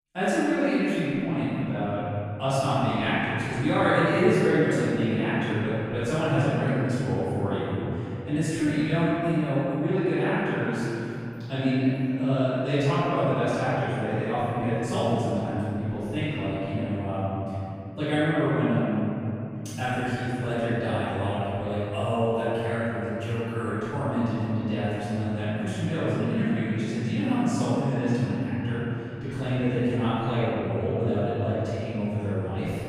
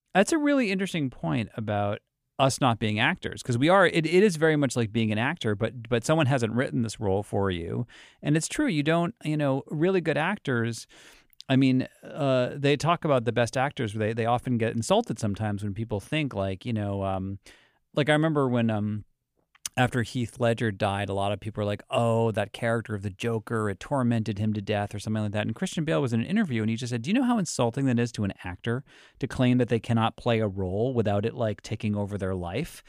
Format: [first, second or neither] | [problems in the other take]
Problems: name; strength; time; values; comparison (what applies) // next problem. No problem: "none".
second | off-mic speech; far // room echo; strong; dies away in 3 s